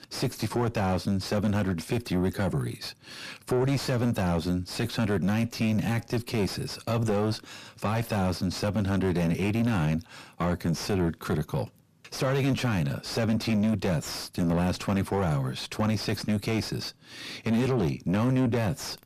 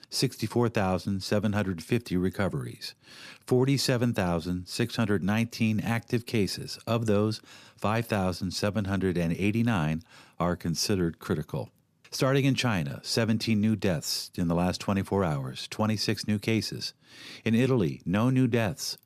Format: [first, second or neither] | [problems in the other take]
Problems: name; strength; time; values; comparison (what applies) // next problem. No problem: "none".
second | distortion; heavy; 7 dB below the speech